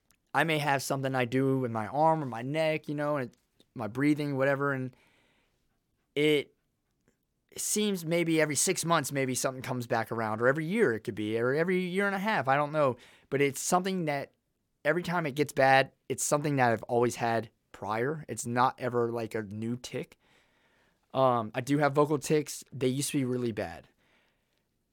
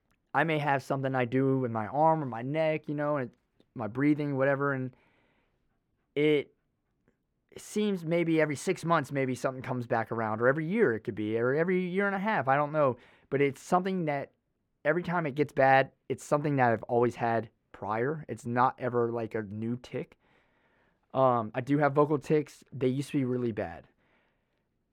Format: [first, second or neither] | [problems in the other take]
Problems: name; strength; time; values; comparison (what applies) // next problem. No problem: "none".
first | muffled; slightly; fading above 3.5 kHz